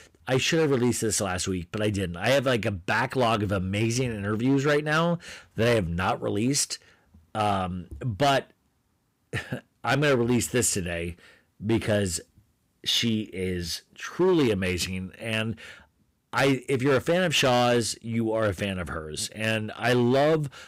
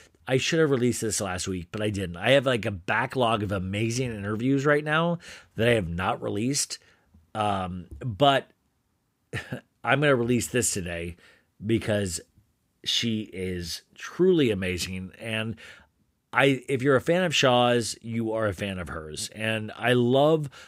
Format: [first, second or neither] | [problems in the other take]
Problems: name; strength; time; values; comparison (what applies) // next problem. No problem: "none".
second | distortion; slight; 6% of the sound clipped